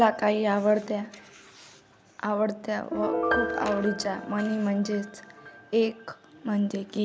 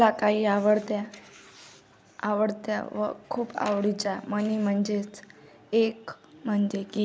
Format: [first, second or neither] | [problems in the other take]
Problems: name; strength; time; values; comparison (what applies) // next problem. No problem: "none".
second | background sound (Piano); 8 dB below the speech